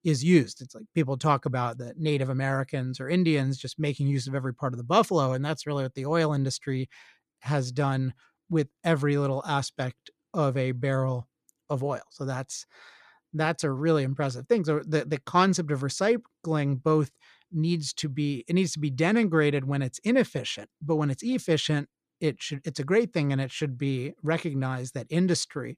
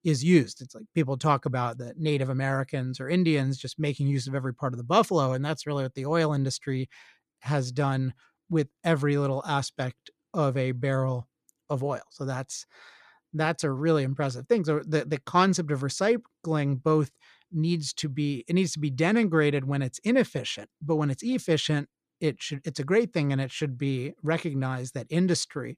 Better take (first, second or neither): neither